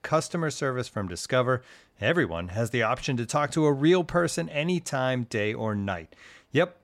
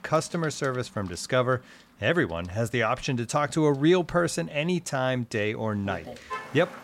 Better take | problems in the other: first | traffic noise; noticeable; throughout; 15 dB below the speech

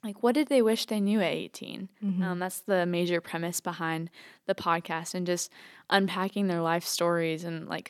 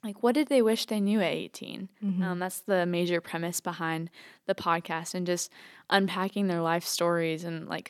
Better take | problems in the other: neither | none

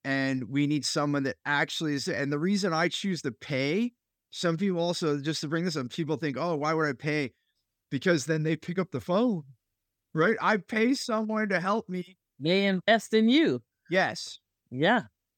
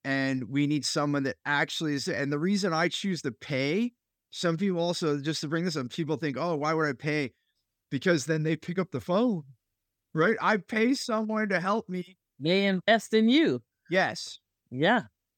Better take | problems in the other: neither | none

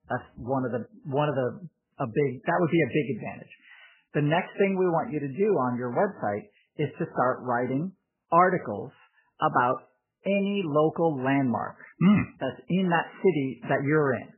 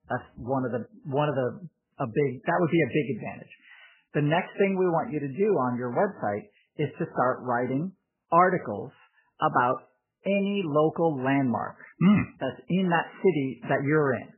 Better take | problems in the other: neither | garbled, watery; badly; nothing above 3 kHz; the same in both

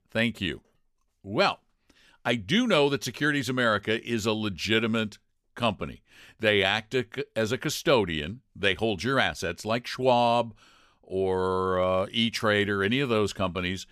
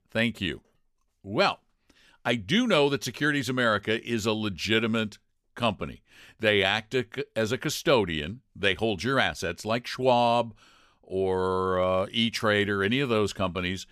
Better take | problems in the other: neither | none

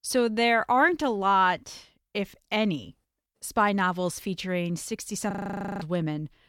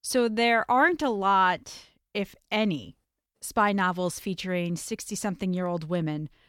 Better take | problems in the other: second | audio freezing; at 5.5 s for 0.5 s

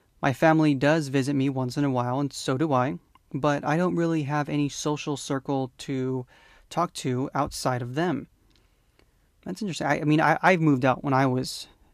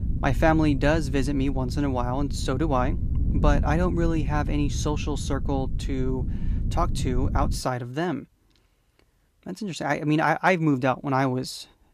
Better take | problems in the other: first | wind noise on the microphone; occasional gusts; until 7.5 s; 15 dB below the speech

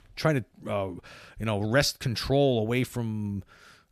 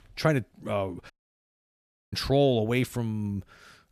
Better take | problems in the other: first | audio cutting out; at 1 s for 1 s

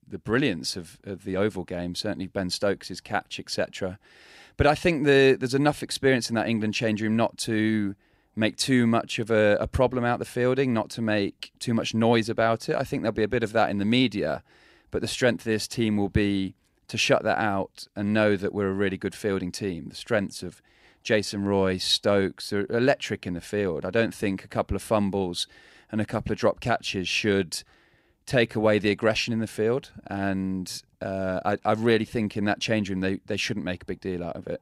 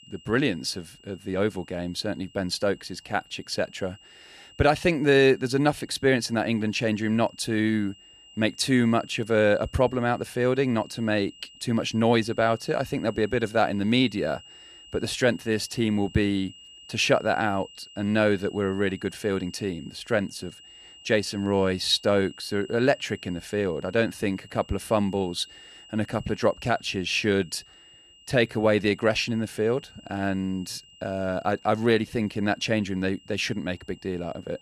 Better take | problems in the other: first | high-pitched whine; faint; throughout; 3 kHz, 25 dB below the speech

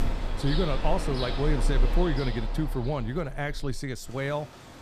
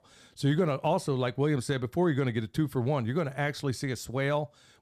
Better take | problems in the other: second | rain or running water; loud; throughout; 2 dB below the speech

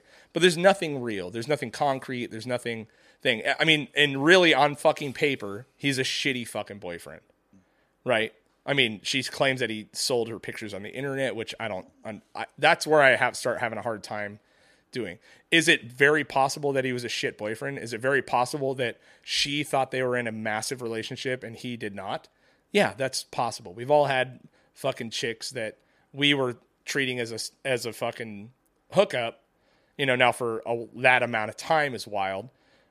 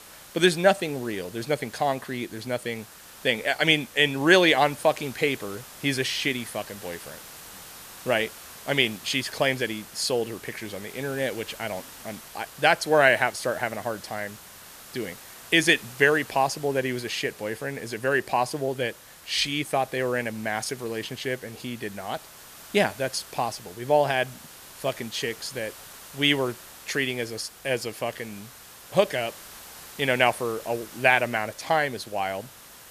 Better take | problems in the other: first | hiss; noticeable; throughout; 20 dB below the speech

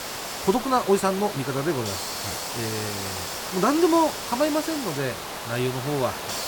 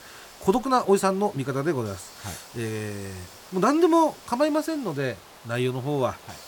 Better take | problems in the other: second | hiss; loud; throughout; 6 dB below the speech; faint in the second

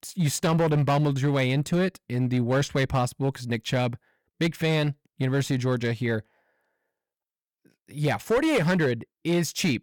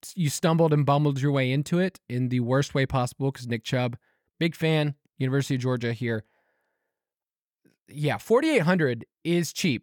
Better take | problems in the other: second | distortion; slight; 9% of the sound clipped

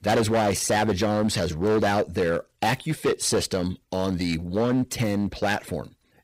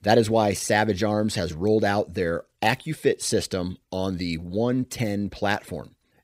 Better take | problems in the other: second | distortion; heavy; 12% of the sound clipped

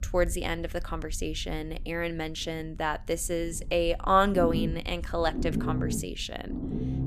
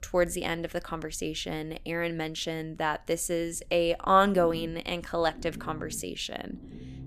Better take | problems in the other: second | low rumble; loud; throughout; 10 dB below the speech; faint in the second

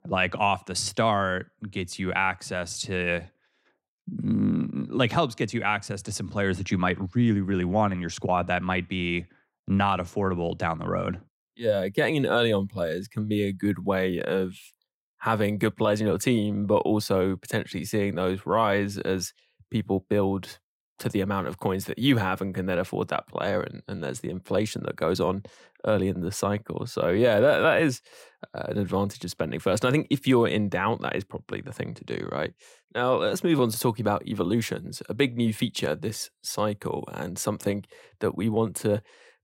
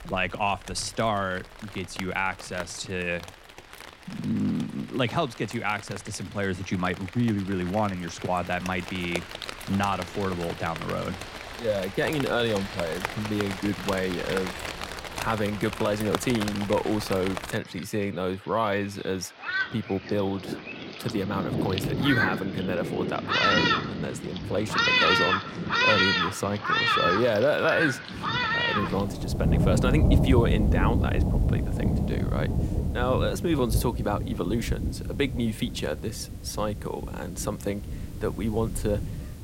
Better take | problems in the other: first | rain or running water; very loud; throughout; 1 dB above the speech

